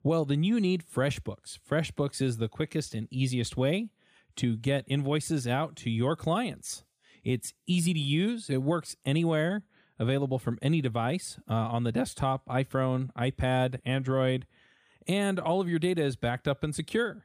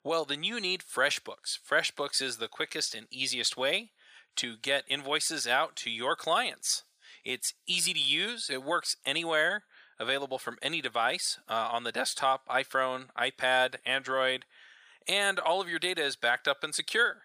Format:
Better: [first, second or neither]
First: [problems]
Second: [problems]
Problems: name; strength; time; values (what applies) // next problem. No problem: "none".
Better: first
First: none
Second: thin; very; fading below 750 Hz